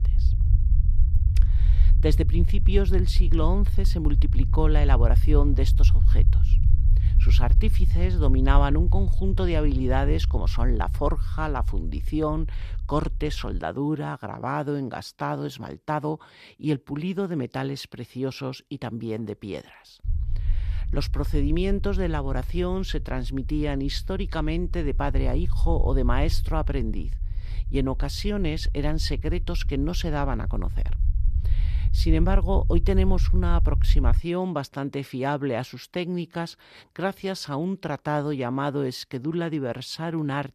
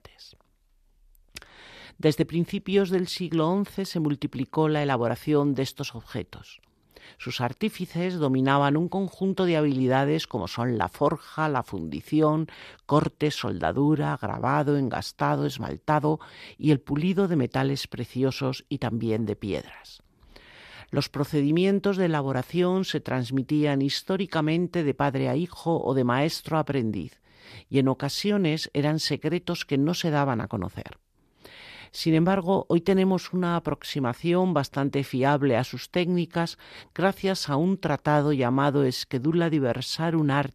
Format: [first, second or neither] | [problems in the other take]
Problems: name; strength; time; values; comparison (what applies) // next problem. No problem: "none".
second | low rumble; noticeable; until 14 s and from 20 to 34 s; 15 dB below the speech